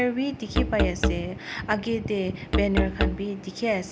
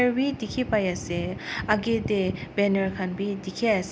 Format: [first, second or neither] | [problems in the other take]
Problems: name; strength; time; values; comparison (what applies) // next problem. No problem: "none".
second | background sound (Musical instrument); as loud as the speech